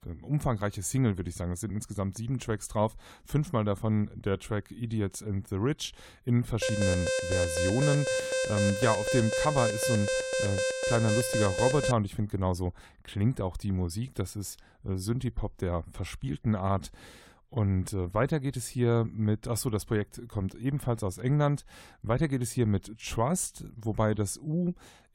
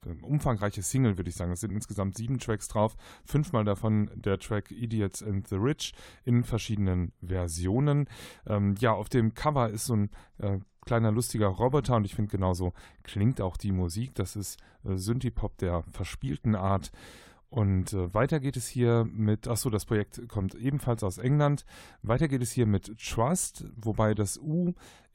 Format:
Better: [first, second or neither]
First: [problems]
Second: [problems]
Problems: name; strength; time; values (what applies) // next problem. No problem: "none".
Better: second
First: alarm; loud; from 6.5 to 12 s; peak 2 dB above the speech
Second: none